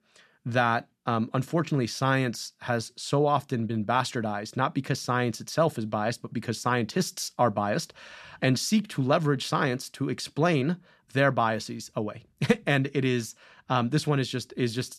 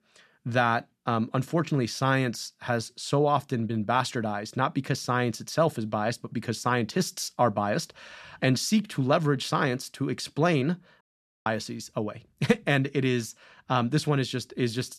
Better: first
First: none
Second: audio cutting out; at 11 s

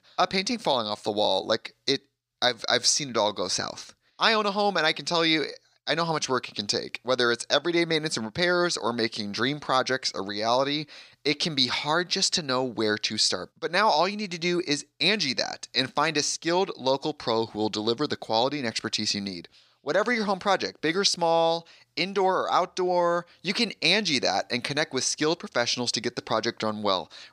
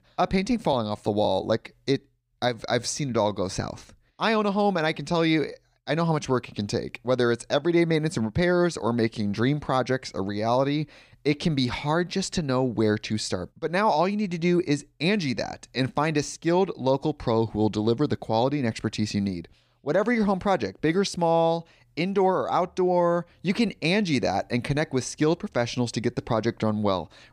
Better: second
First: thin; very slightly; fading below 900 Hz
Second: none

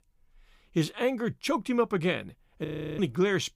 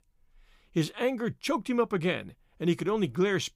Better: second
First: audio freezing; at 2.5 s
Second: none

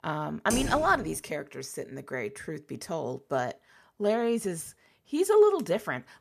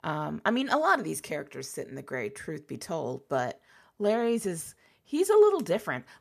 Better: second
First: keyboard typing; noticeable; at 0.5 s; peak 3 dB below the speech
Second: none

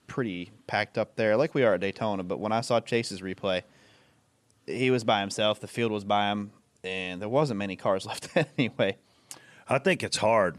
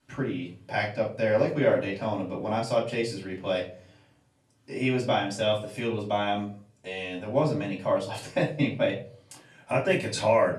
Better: first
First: none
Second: off-mic speech; far // room echo; slight; dies away in 0.4 s

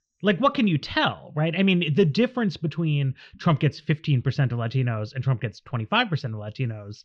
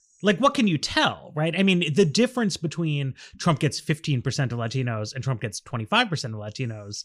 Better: second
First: muffled; slightly; fading above 4 kHz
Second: none

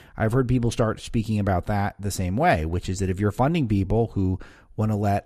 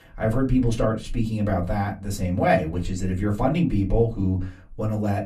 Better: first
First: none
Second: off-mic speech; far // room echo; very slight; dies away in 0.2 s

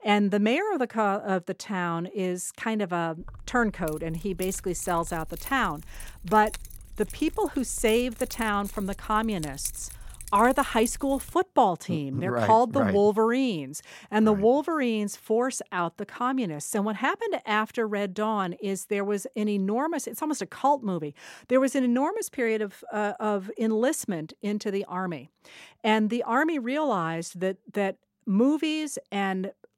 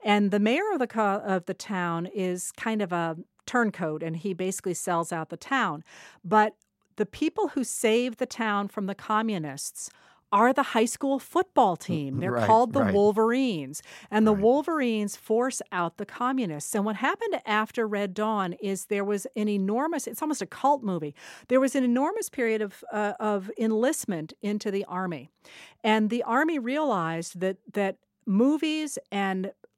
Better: second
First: jangling keys; noticeable; from 3 to 11 s; peak 9 dB below the speech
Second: none

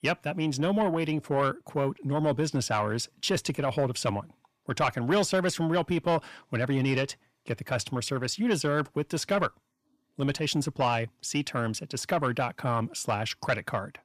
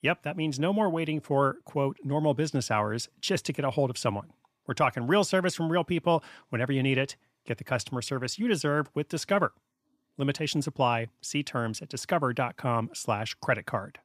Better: second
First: distortion; slight; 10 dB below the speech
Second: none

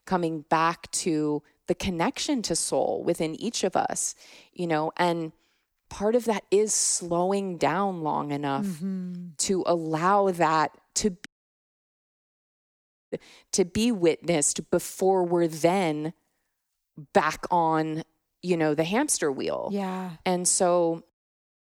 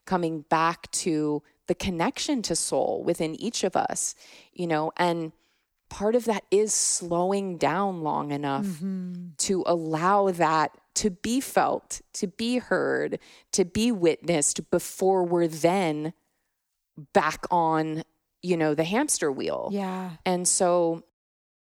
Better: second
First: audio cutting out; at 11 s for 2 s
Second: none

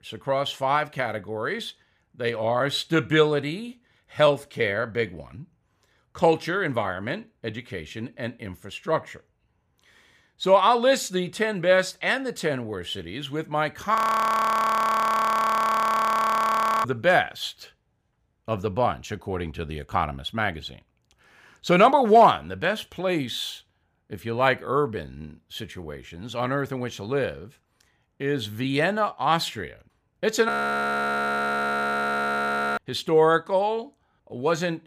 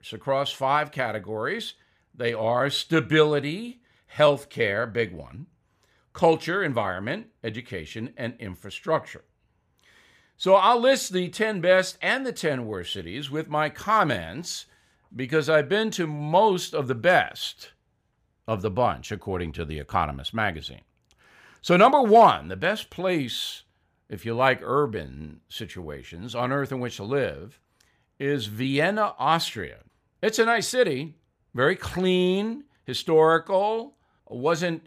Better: second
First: audio freezing; at 14 s for 3 s and at 30 s for 2.5 s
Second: none

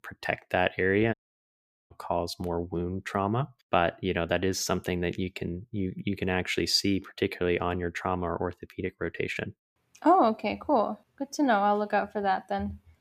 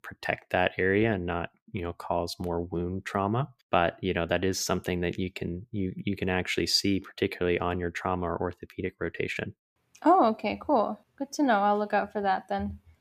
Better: second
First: audio cutting out; at 1 s for 1 s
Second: none

